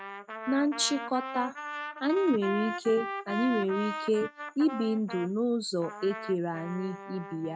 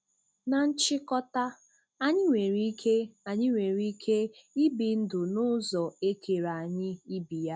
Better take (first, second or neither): second